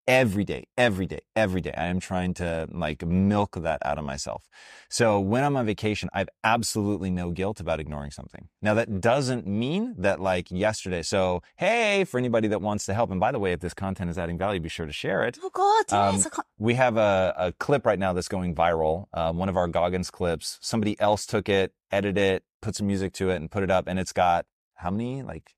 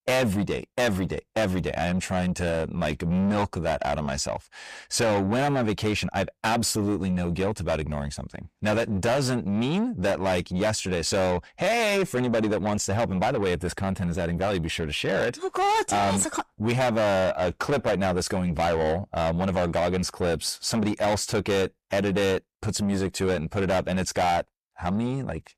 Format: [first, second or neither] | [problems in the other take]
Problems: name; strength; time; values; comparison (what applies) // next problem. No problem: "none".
first | distortion; heavy; 8 dB below the speech